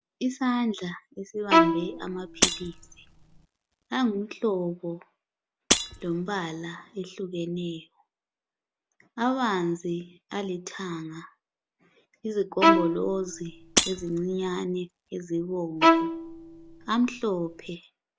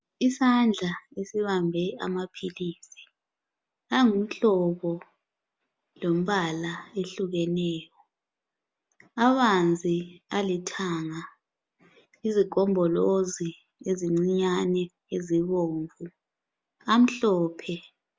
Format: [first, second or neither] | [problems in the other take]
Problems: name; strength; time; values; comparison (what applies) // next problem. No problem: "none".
second | background sound (Bowed string instrument + Shatter); 4 dB above the speech